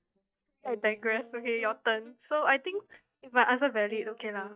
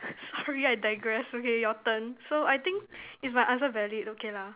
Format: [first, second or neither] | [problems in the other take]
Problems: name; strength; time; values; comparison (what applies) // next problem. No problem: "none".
second | noise reduction (neural mask model DeepFilterNet 3)